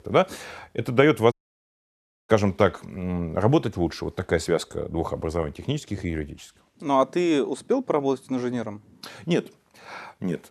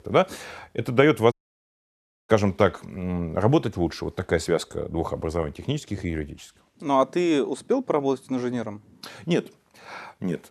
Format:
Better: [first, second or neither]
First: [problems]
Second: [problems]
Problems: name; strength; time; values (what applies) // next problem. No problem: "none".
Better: neither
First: audio cutting out; at 1.5 s for 1 s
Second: audio cutting out; at 1.5 s for 1 s